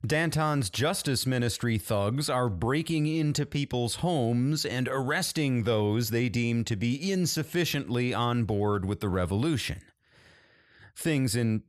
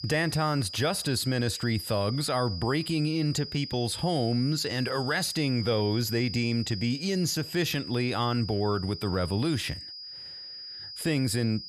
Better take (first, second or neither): first